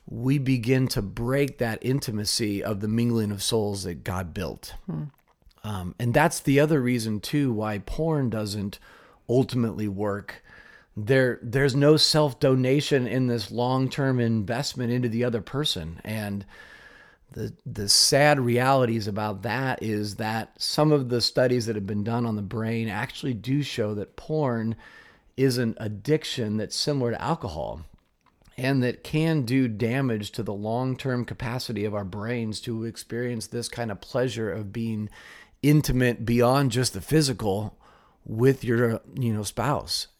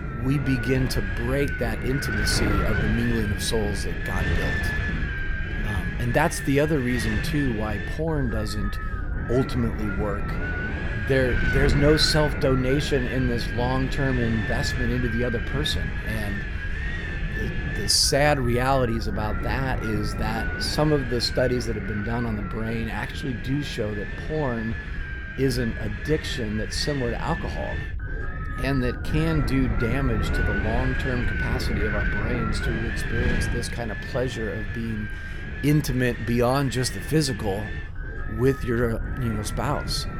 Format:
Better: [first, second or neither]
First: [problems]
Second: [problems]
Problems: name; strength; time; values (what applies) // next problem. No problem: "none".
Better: first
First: none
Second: wind noise on the microphone; heavy; 3 dB below the speech